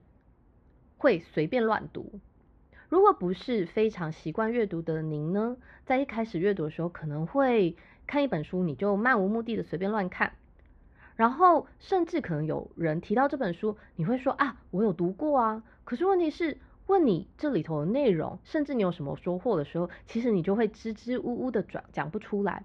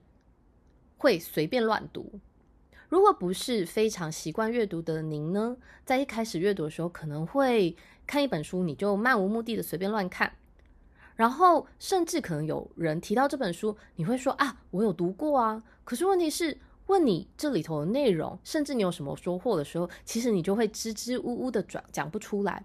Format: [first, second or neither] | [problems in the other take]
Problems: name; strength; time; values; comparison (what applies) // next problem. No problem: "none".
second | muffled; very; fading above 3 kHz